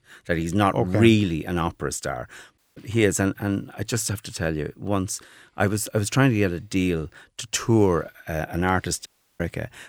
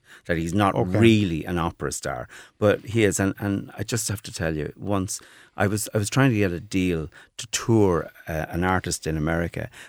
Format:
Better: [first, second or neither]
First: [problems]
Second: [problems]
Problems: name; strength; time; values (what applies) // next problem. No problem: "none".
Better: second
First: audio cutting out; at 2.5 s and at 9 s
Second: none